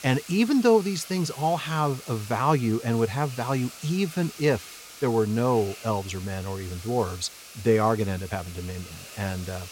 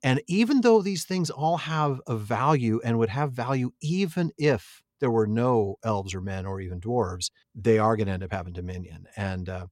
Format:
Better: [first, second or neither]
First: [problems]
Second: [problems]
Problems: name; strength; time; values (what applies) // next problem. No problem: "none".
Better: second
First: hiss; noticeable; throughout; 15 dB below the speech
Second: none